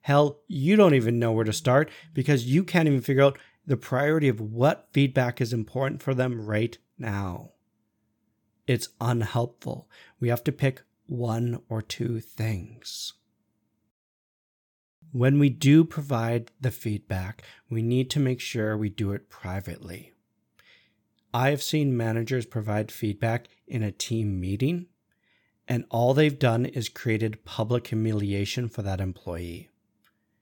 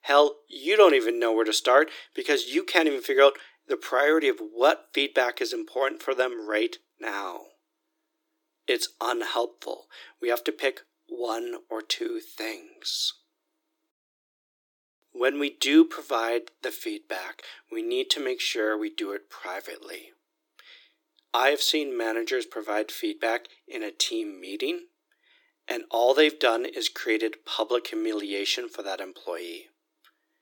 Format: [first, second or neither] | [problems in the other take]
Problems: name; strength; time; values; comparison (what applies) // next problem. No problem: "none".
first | thin; very; fading below 300 Hz